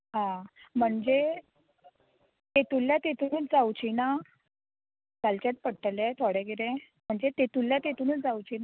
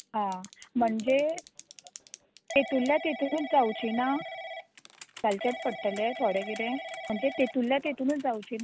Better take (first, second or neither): first